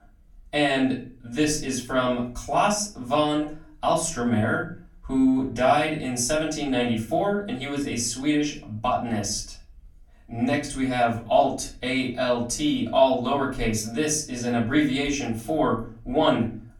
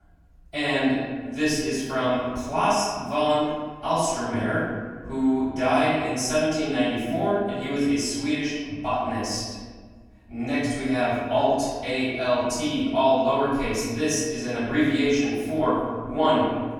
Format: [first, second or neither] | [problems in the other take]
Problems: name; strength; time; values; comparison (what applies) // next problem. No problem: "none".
first | room echo; strong; dies away in 1.5 s; slight in the first // off-mic speech; far; far in the first